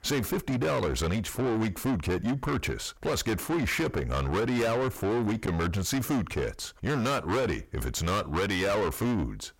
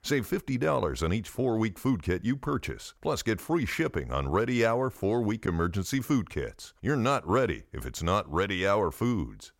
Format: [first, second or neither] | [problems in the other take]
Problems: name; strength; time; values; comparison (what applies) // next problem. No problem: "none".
second | distortion; heavy; 6 dB below the speech